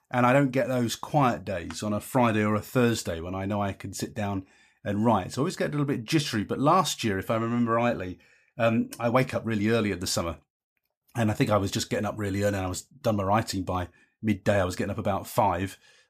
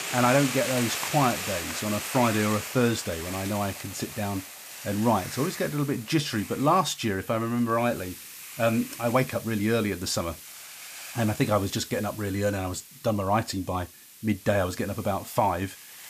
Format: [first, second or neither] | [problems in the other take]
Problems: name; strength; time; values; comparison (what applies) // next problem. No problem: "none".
first | hiss; loud; throughout; 9 dB below the speech